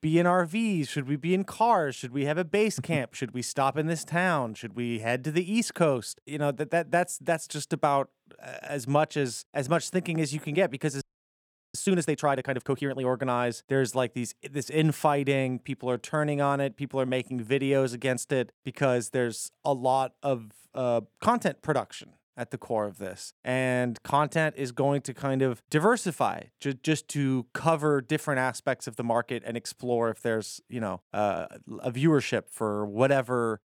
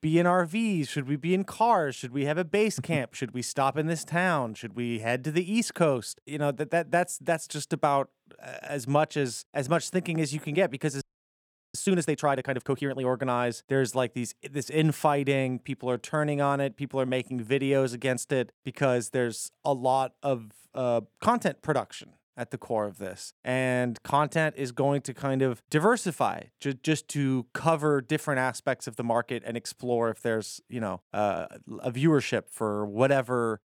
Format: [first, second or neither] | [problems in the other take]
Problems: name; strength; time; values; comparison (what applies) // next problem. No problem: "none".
neither | audio freezing; at 11 s for 0.5 s; the same in both